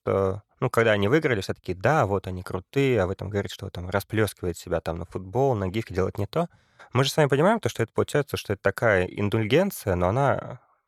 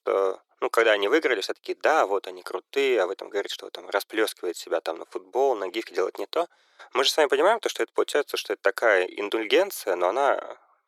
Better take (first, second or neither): first